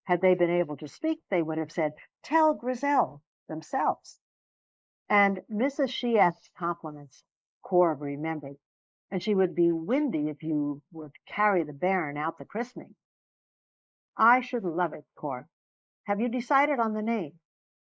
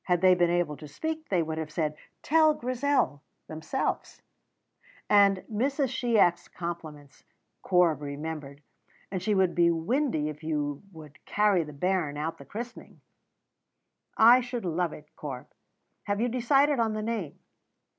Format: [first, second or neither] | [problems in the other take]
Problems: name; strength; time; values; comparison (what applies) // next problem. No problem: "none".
second | noise reduction (neural mask model Resemble Enhance denoiser)